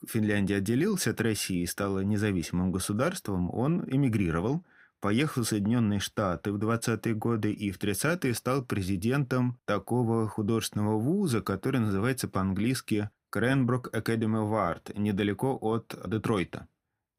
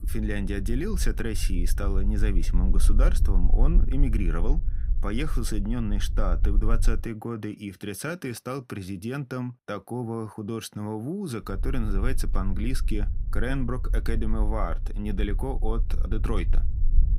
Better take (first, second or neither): first